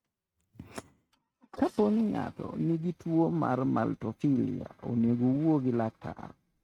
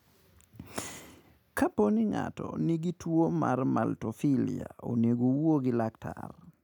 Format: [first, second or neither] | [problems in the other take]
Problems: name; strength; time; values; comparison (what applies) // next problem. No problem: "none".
second | noise reduction (neural mask model RNNoise)